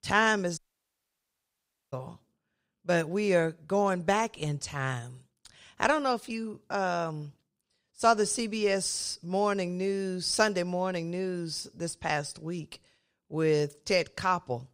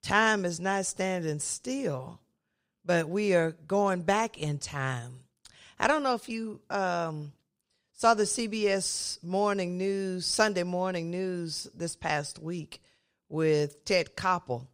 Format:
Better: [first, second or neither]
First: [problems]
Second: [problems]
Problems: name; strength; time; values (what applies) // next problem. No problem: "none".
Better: second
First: audio cutting out; at 0.5 s for 1.5 s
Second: none